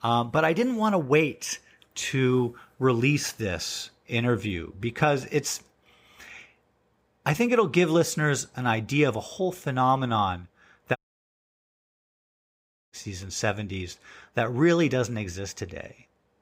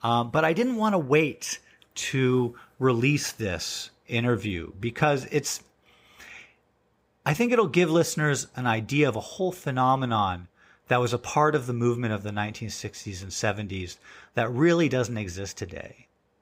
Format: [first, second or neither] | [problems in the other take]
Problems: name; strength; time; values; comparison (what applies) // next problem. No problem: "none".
second | audio cutting out; at 11 s for 2 s